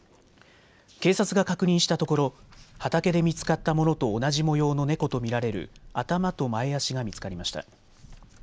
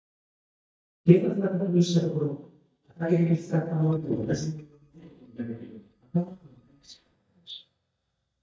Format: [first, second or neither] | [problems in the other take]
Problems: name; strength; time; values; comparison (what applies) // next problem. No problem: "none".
first | noise reduction (neural mask model DeepFilterNet 3)